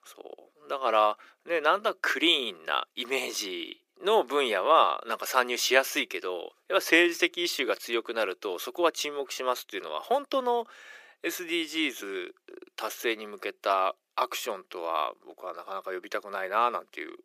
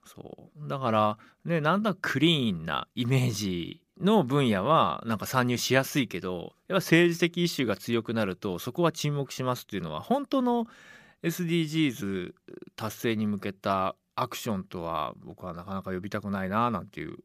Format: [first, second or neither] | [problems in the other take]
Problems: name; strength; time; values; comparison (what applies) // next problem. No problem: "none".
second | thin; very; fading below 350 Hz